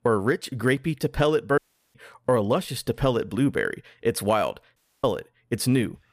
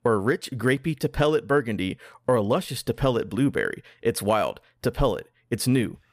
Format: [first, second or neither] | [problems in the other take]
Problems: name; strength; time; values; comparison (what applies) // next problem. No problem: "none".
second | audio cutting out; at 1.5 s and at 5 s